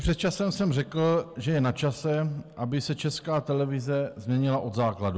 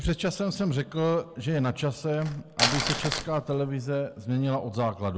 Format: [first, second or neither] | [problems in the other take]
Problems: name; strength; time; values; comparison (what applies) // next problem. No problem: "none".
first | background sound (Crumpling, crinkling); 2 dB below the speech